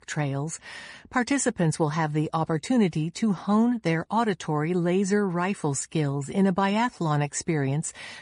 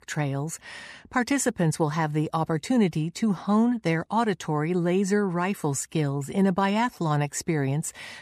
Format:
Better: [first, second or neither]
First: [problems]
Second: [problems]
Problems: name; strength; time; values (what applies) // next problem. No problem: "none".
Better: second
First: garbled, watery; slightly; nothing above 10.5 kHz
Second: none